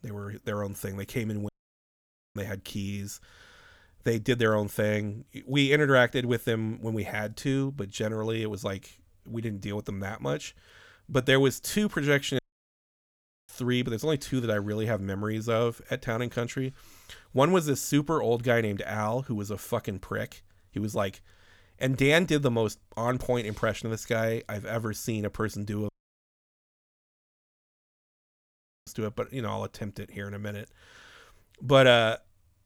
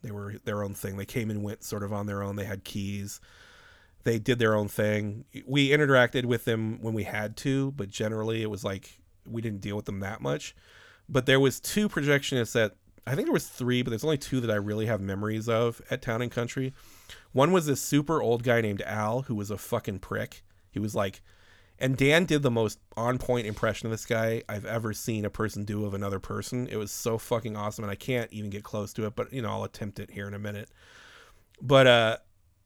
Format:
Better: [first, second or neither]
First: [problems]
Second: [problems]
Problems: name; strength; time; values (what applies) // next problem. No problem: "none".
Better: second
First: audio cutting out; at 1.5 s for 1 s, at 12 s for 1 s and at 26 s for 3 s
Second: none